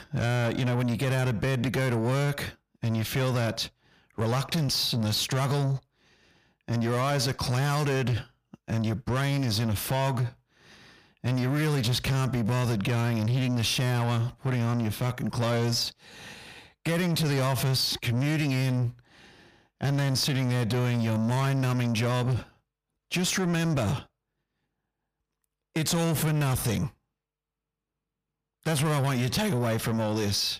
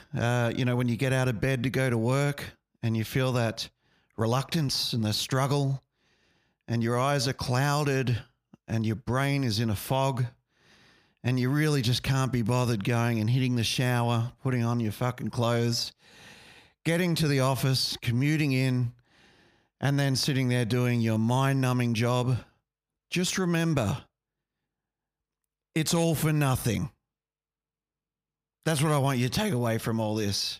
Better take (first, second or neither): second